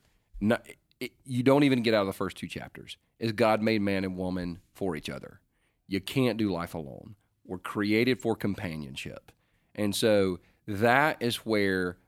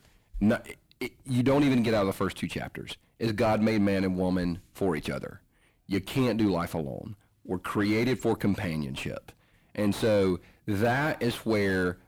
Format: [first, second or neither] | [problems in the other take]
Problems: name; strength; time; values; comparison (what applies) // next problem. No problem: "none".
first | distortion; heavy; 5 dB below the speech